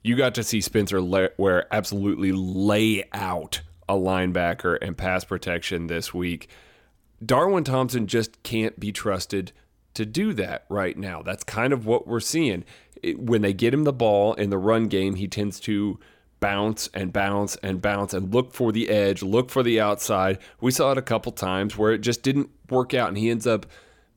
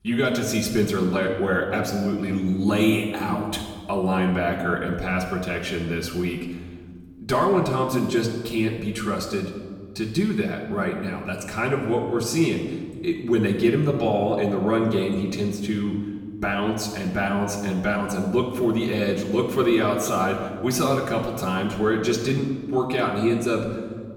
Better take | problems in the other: first | off-mic speech; far // room echo; noticeable; dies away in 1.4 s

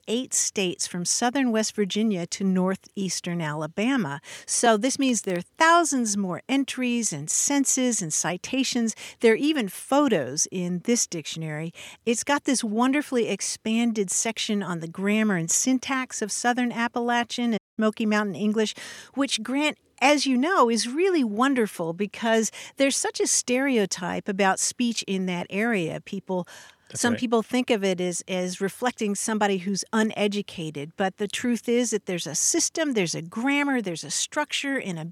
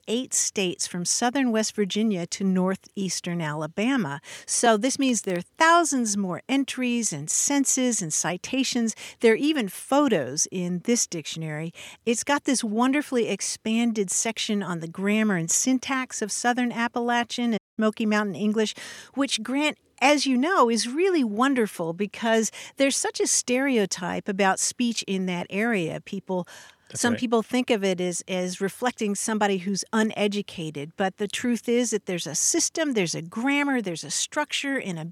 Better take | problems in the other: neither | audio cutting out; at 18 s; the same in both

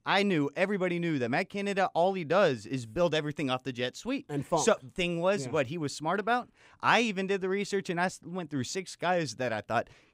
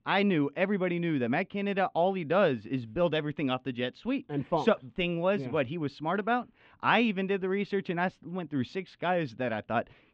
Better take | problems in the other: first | muffled; slightly; fading above 3 kHz

